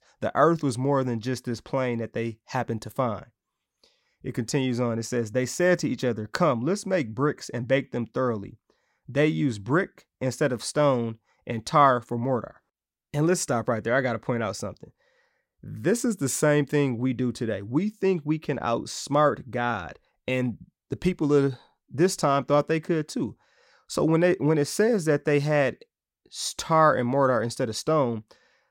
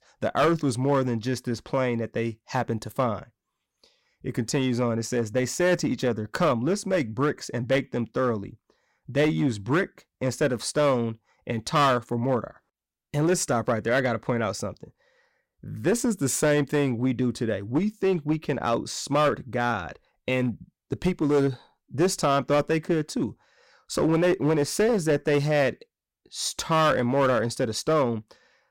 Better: first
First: none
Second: distortion; slight; 6% of the sound clipped

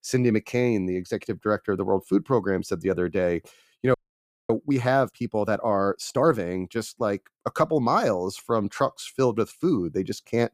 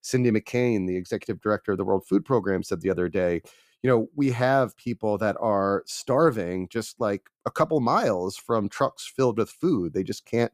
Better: second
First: audio freezing; at 4 s for 0.5 s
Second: none

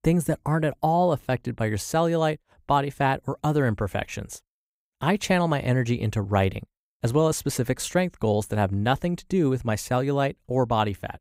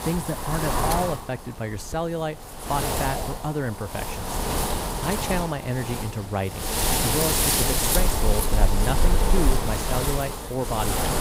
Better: first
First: none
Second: wind noise on the microphone; heavy; 3 dB above the speech

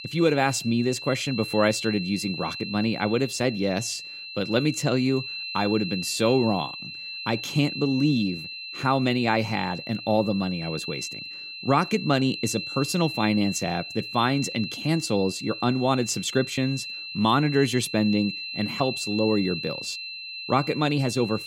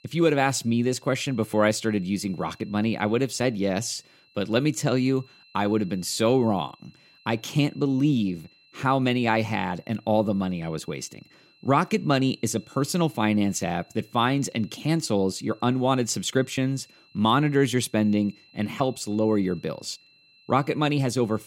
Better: second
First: high-pitched whine; loud; throughout; 4 kHz, 8 dB below the speech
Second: high-pitched whine; faint; throughout; 4 kHz, 30 dB below the speech

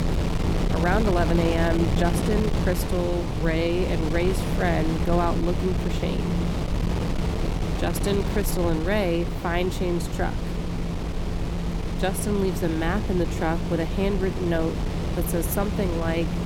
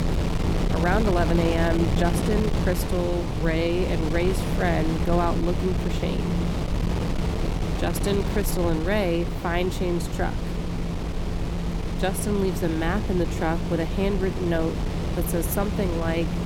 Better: neither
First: wind noise on the microphone; heavy; 5 dB below the speech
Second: wind noise on the microphone; heavy; 5 dB below the speech

